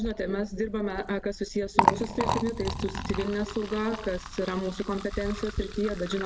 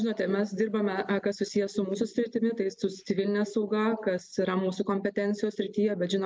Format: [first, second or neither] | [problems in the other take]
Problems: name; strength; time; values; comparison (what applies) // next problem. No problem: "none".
second | background sound (Liquid); 2 dB below the speech